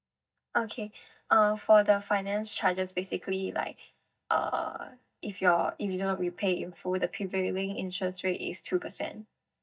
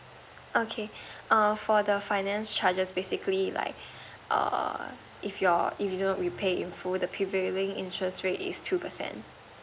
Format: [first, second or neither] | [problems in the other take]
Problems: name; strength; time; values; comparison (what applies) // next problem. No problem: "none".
second | noise reduction (neural mask model DeepFilterNet 3)